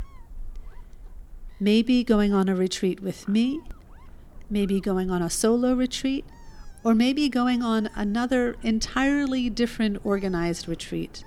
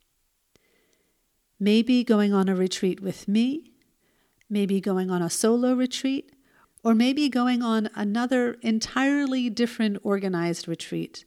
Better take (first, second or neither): second